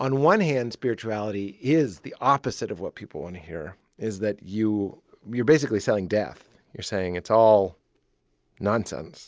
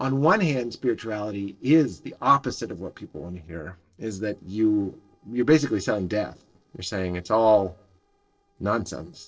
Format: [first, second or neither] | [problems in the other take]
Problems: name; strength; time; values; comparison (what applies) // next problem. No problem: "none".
first | noise reduction (neural separator model SepFormer DNS4)